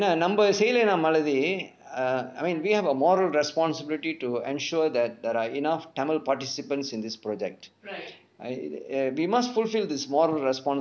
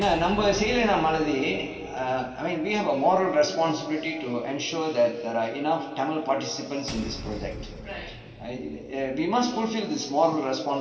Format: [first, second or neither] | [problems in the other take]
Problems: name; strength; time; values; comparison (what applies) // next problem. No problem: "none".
first | background sound (Shatter / Boom); 16 dB below the speech // room echo; dies away in 2.4 s